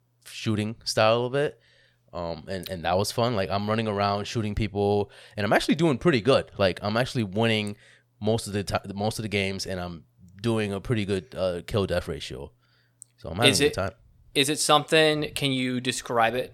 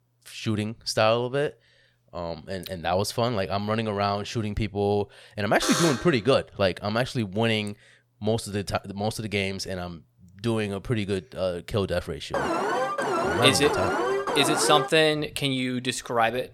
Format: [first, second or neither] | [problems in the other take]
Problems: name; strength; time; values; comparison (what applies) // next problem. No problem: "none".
first | alarm; loud; at 5.5 s and from 12 to 15 s; peak 1 dB above the speech